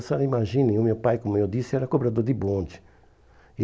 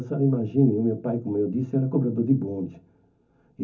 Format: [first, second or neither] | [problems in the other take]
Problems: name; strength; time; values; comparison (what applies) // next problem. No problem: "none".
first | room echo; dies away in 0.3 s